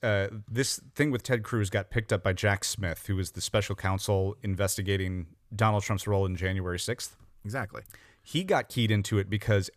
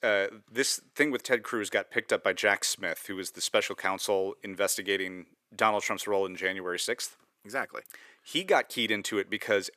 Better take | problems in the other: first | thin; somewhat; fading below 300 Hz

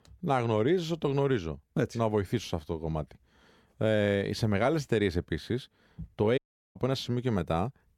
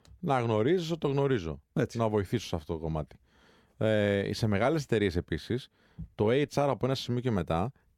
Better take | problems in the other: second | audio cutting out; at 6.5 s

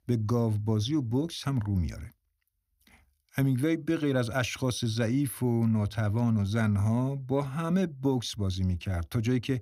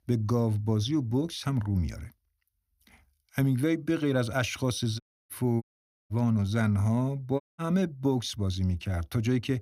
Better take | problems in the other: first | audio cutting out; at 5 s, at 5.5 s and at 7.5 s

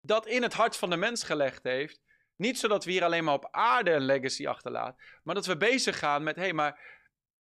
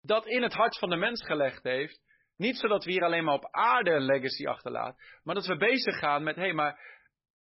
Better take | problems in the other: first | garbled, watery; badly; nothing above 5.5 kHz

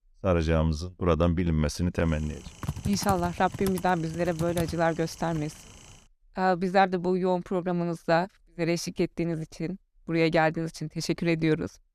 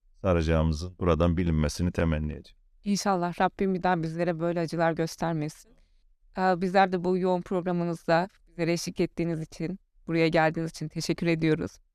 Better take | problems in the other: second | keyboard typing; noticeable; from 2.5 to 5.5 s; peak 7 dB below the speech

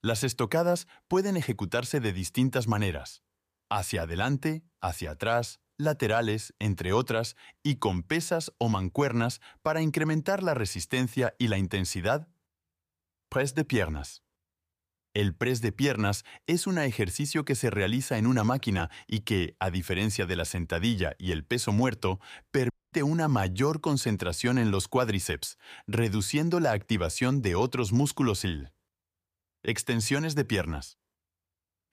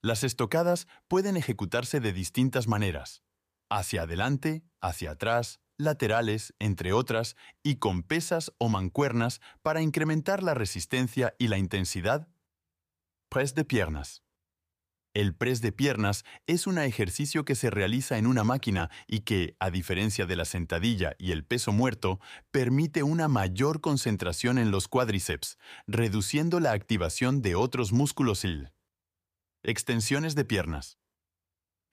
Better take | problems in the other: second | audio cutting out; at 23 s

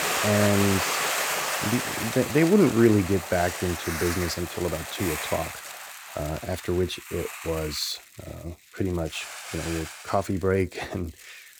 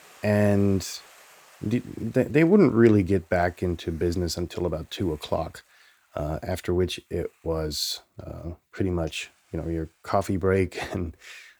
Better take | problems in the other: second | hiss; loud; throughout; 4 dB below the speech; faint in the second

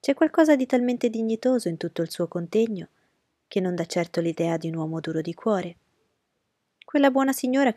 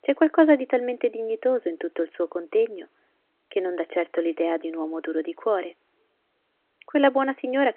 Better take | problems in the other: first | phone-call audio

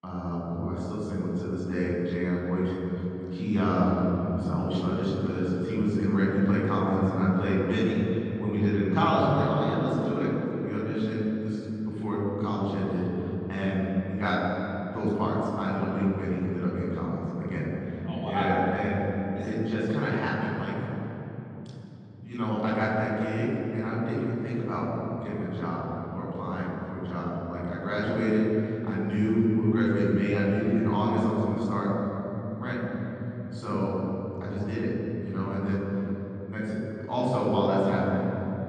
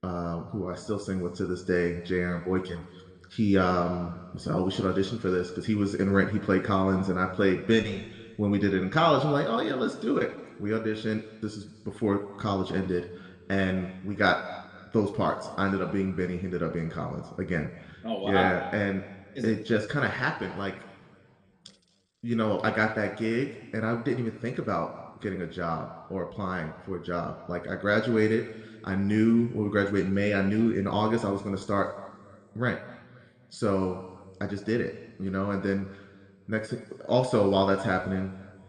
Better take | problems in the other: second | room echo; strong; dies away in 3 s; slight in the second // off-mic speech; far

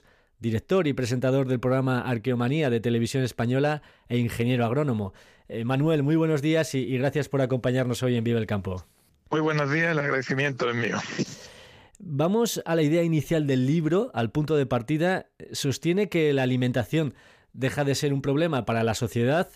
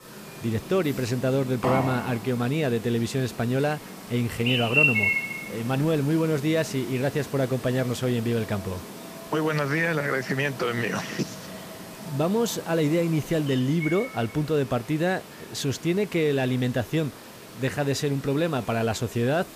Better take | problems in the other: first | animal sounds; loud; throughout; 6 dB below the speech

